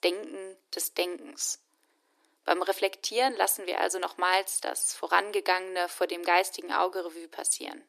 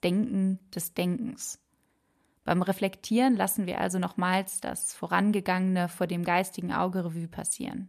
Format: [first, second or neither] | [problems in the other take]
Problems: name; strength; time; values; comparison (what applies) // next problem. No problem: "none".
second | thin; very; fading below 300 Hz